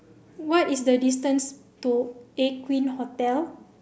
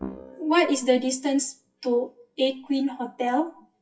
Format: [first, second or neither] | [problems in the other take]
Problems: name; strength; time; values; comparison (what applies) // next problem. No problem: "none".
first | noise reduction (classical method WPE with log-MMSE)